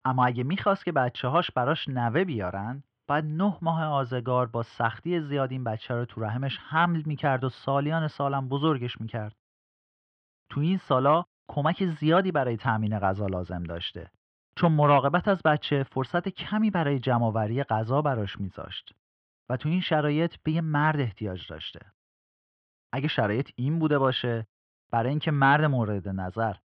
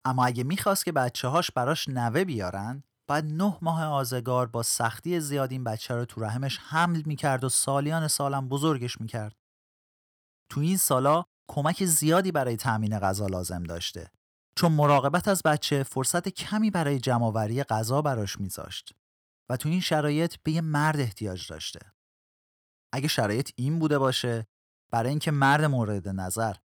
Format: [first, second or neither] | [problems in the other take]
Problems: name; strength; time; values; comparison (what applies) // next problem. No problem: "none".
second | muffled; very; fading above 3 kHz